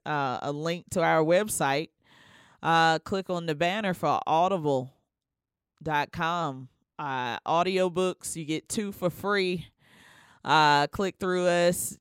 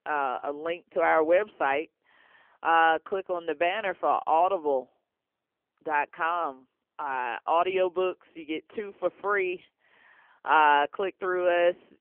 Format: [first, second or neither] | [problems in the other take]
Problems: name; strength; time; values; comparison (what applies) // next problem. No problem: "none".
first | phone-call audio; poor line; nothing above 3 kHz